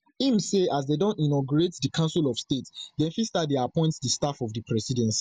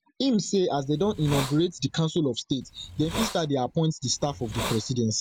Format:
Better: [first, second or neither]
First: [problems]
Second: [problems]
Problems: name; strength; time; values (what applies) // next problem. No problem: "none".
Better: first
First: none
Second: background sound (Hiss); 10 dB below the speech